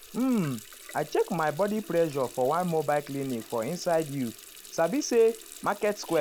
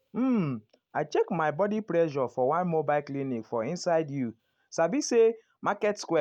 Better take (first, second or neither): second